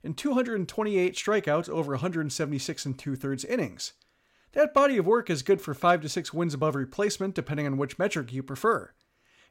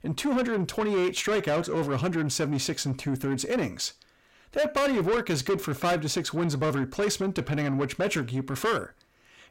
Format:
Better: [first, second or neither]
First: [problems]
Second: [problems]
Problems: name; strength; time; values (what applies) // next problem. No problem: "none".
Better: first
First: none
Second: distortion; heavy; 7 dB below the speech